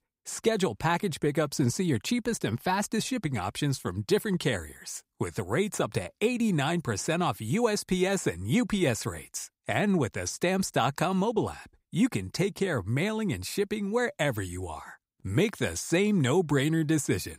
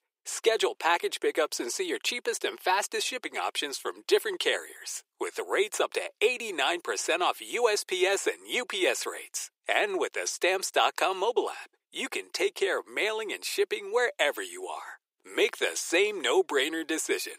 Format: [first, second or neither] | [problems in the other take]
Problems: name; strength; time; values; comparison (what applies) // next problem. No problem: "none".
first | thin; very; fading below 350 Hz